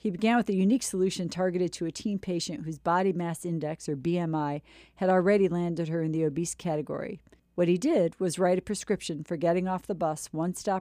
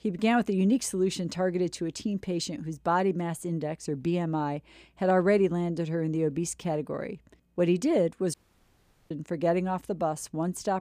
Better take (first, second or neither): first